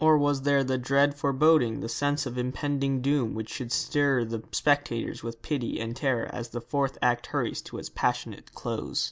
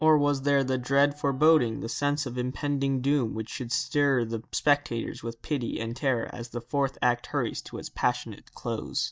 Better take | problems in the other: first | noise reduction (neural mask model DeepFilterNet 3)

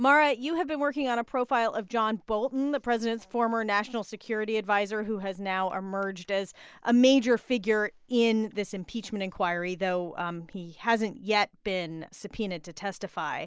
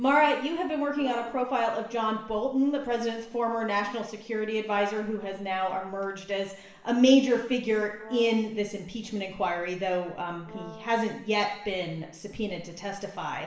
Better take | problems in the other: first | background sound (Brass instrument); 20 dB below the speech // room echo; dies away in 0.8 s

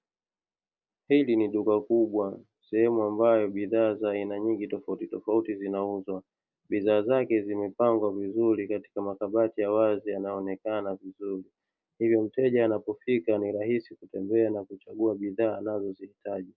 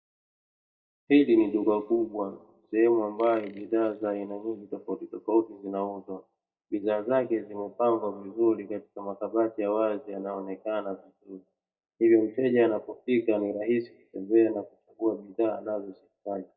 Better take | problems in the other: first | noise reduction (neural mask model DeepFilterNet 3)

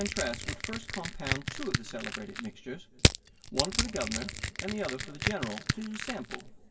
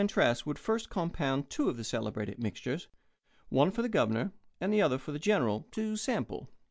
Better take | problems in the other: second | background sound (Crushing); 4 dB above the speech // room echo; dies away in 2.7 s

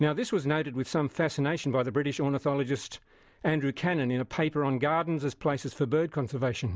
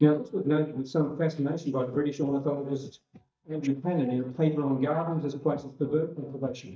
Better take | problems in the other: first | noise reduction (neural mask model DeepFilterNet 3)

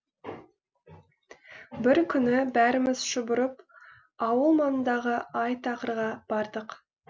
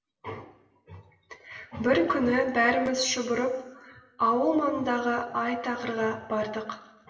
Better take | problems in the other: first | room echo; dies away in 1.1 s

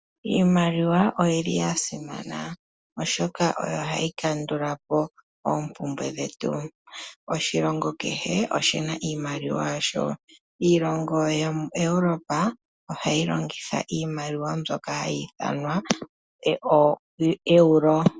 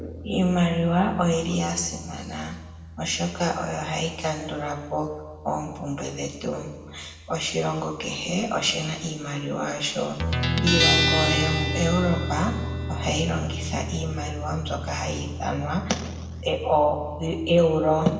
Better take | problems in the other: first | background sound (Guitar); 5 dB below the speech // room echo; dies away in 1.2 s

